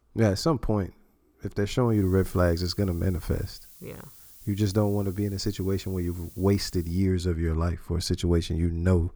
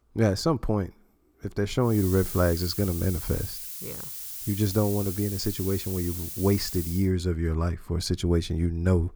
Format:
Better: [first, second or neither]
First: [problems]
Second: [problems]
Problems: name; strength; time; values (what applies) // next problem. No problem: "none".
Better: first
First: hiss; faint; from 2 to 7 s; 20 dB below the speech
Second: hiss; loud; from 2 to 7 s; 7 dB below the speech